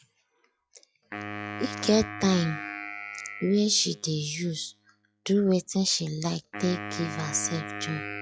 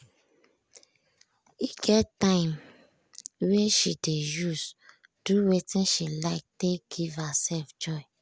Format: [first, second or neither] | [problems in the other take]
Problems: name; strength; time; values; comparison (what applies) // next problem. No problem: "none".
second | noise reduction (classical method log-MMSE)